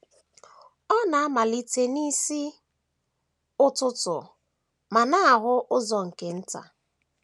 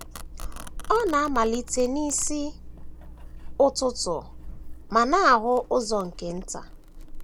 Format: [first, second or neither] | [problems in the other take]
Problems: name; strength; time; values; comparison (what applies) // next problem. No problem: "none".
first | background sound (Domestic sounds, home sounds); 10 dB below the speech